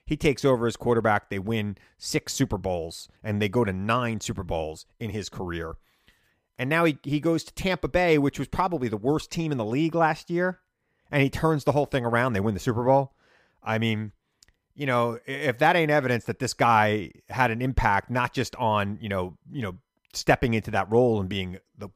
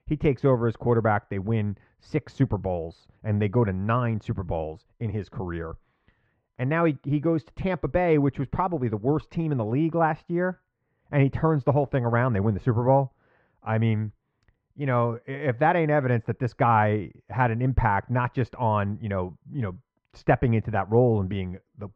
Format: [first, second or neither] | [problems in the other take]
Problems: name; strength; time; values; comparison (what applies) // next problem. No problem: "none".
first | muffled; very; fading above 1.5 kHz